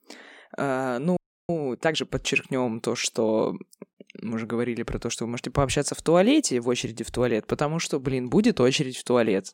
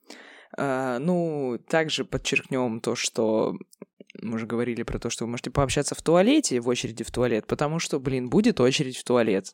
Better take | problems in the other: second | audio freezing; at 1 s

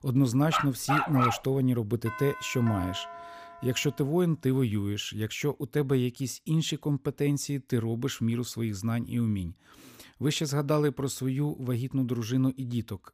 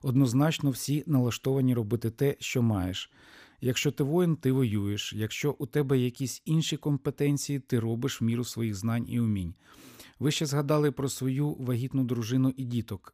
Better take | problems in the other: second | dog barking; loud; at 0.5 s; peak 2 dB above the speech // doorbell; noticeable; from 2 to 4 s; peak 10 dB below the speech

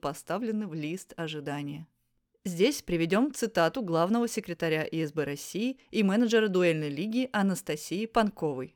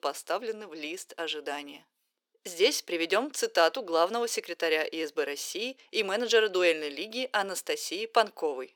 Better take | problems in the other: first | thin; very; fading below 400 Hz

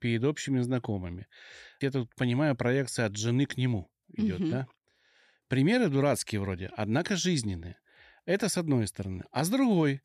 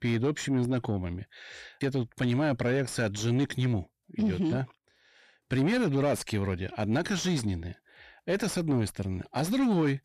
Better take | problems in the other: first | distortion; slight; 10 dB below the speech

